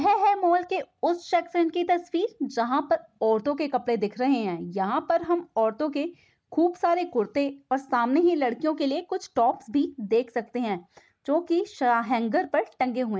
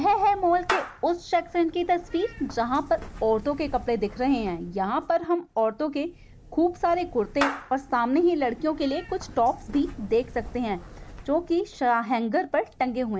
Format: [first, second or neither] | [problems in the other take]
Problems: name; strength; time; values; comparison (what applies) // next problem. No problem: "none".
first | background sound (Meow / Clapping); 14 dB below the speech